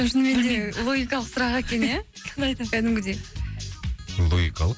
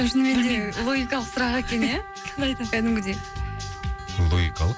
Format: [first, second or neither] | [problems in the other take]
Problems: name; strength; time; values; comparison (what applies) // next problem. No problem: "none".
first | background sound (Wind instrument, woodwind instrument); 14 dB below the speech